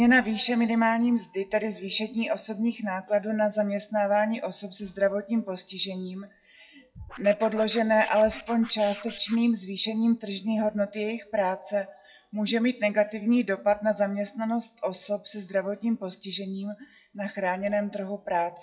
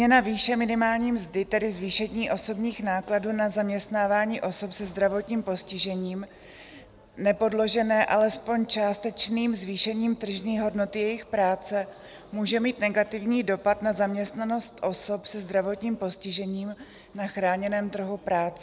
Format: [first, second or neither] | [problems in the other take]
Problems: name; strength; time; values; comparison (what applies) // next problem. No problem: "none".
second | noise reduction (classical method WPE with log-MMSE)